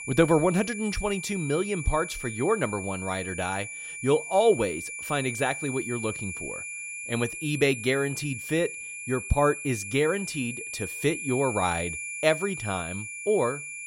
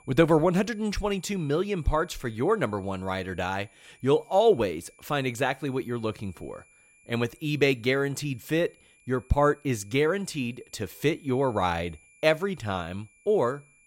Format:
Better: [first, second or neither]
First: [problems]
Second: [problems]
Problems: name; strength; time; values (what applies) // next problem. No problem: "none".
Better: second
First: high-pitched whine; loud; throughout; 2.5 kHz, 7 dB below the speech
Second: high-pitched whine; faint; throughout; 2.5 kHz, 30 dB below the speech